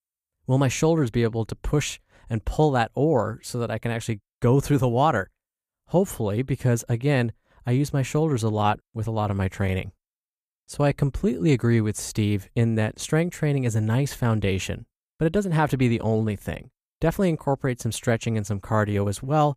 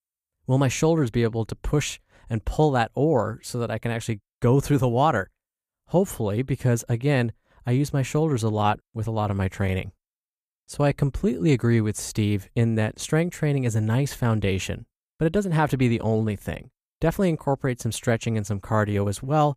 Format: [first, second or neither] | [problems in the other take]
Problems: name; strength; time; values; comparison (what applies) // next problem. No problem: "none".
neither | none